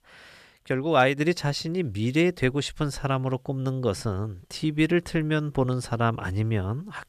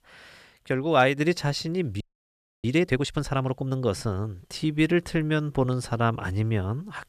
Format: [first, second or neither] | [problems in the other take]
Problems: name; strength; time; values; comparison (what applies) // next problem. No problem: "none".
first | audio freezing; at 2 s for 0.5 s